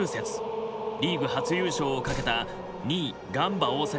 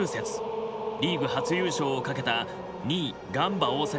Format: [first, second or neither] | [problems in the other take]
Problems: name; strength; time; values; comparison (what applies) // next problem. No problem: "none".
second | background sound (Slam); 12 dB below the speech